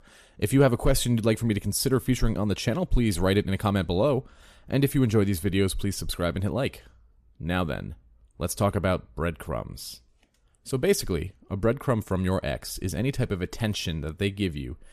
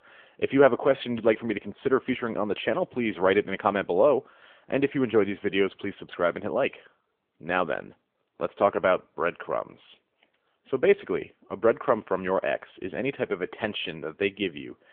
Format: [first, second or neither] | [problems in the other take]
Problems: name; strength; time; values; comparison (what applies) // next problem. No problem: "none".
first | phone-call audio; nothing above 3.5 kHz